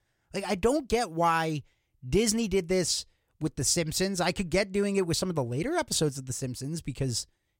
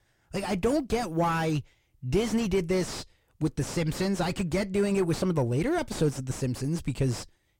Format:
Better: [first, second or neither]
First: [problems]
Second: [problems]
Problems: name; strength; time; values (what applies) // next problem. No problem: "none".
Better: first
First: none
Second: distortion; heavy; 2 dB below the speech